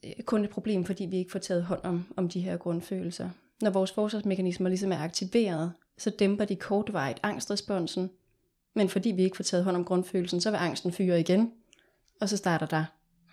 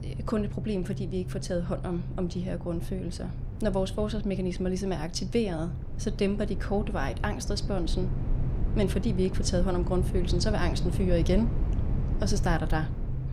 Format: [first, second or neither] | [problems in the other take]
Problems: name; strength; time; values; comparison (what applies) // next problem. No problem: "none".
first | low rumble; noticeable; throughout; 10 dB below the speech